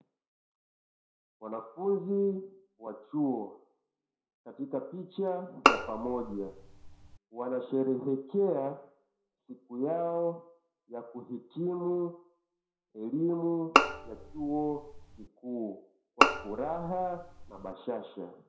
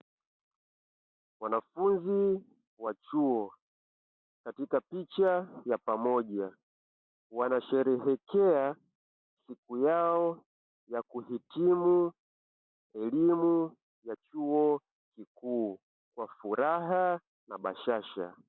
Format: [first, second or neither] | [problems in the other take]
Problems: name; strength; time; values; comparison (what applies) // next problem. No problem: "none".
second | background sound (Bowed string instrument); 5 dB above the speech // room echo; dies away in 0.5 s